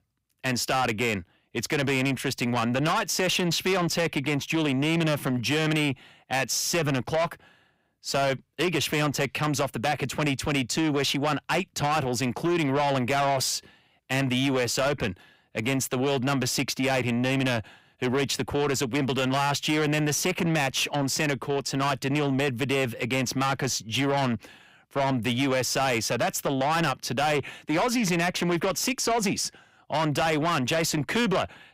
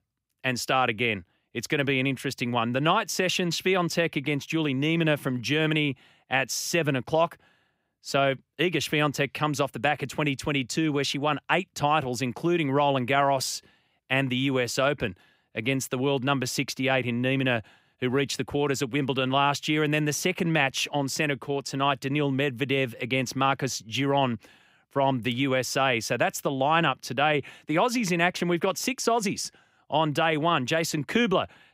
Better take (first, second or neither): second